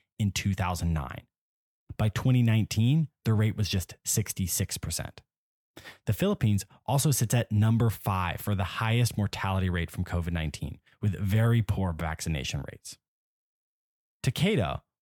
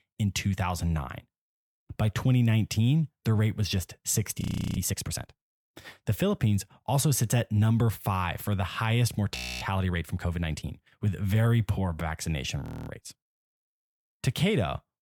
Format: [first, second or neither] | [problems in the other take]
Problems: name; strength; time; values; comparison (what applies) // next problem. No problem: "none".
first | audio freezing; at 4.5 s, at 9.5 s and at 13 s